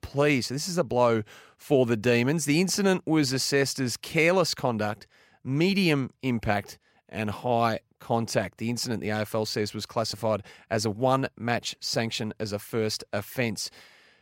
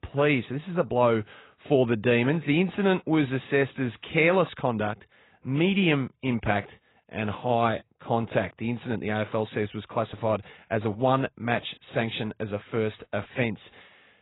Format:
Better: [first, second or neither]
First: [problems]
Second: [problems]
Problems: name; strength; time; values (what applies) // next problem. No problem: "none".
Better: first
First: none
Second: garbled, watery; badly; nothing above 4 kHz